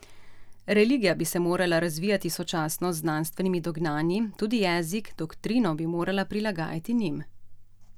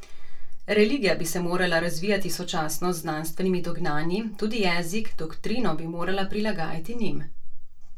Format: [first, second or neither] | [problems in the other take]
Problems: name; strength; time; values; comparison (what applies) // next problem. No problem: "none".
first | room echo; dies away in 0.2 s